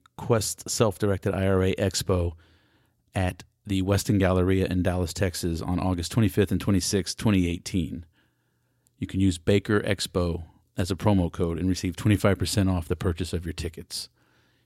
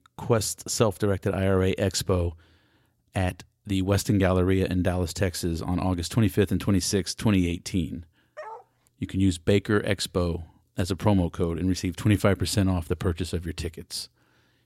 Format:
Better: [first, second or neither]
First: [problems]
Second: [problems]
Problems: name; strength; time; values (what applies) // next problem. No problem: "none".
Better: first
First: none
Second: dog barking; faint; at 8.5 s; peak 15 dB below the speech